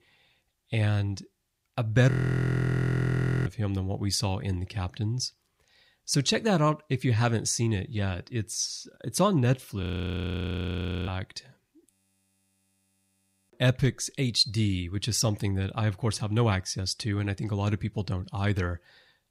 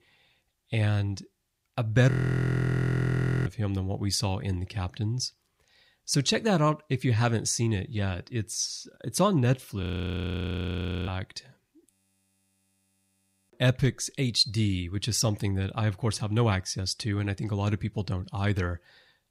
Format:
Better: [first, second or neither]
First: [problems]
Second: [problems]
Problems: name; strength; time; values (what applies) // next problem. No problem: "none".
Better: neither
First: audio freezing; at 2 s for 1.5 s, at 10 s for 1.5 s and at 12 s for 1.5 s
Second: audio freezing; at 2 s for 1.5 s, at 10 s for 1.5 s and at 12 s for 1.5 s